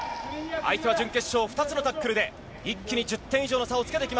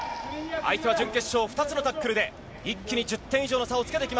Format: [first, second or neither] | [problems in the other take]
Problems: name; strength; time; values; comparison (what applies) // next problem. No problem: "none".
first | background sound (Bowed string instrument); 17 dB below the speech